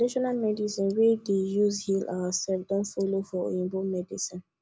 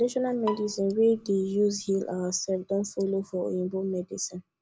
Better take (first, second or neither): first